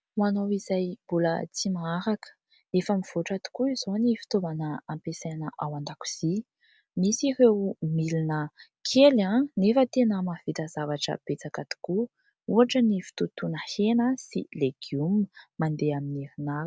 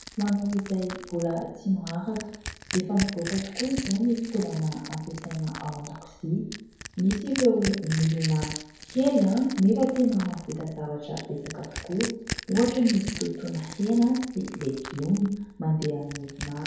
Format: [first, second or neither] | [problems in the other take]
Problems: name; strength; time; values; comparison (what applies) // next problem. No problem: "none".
first | background sound (Crushing); 12 dB below the speech // room echo; dies away in 0.9 s